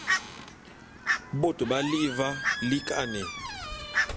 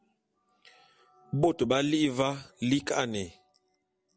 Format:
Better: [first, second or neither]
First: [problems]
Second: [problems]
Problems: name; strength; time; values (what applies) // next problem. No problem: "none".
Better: second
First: background sound (Fowl + Squeak); 2 dB below the speech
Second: none